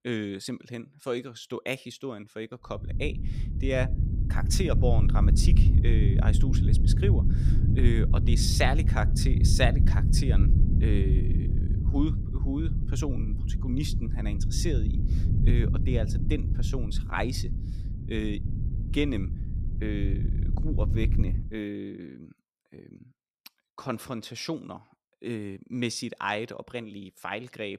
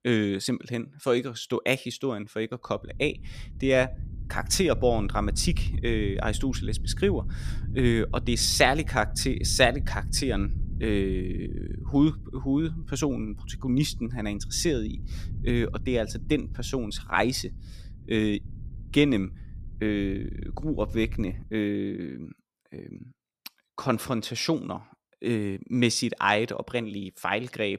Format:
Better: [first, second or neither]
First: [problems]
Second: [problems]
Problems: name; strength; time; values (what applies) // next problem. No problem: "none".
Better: second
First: low rumble; loud; from 3 to 21 s; 6 dB below the speech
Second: low rumble; faint; from 3 to 21 s; 20 dB below the speech